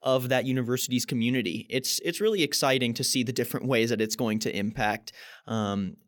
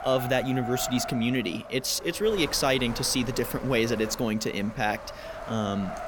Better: first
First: none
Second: wind noise on the microphone; heavy; 9 dB below the speech

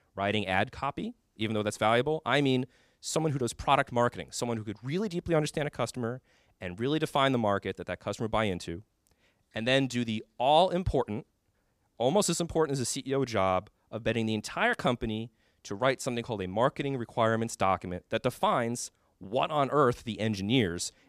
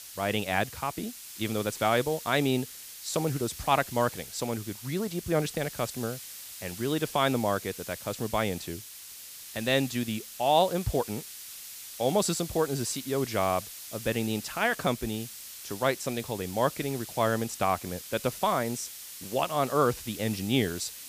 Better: first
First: none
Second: hiss; noticeable; throughout; 10 dB below the speech

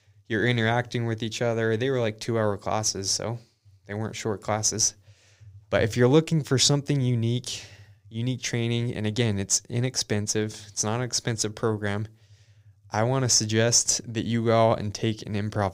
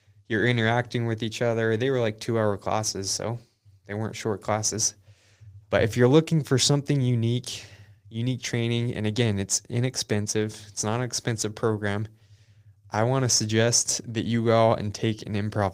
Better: first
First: none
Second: garbled, watery; slightly; nothing above 15.5 kHz

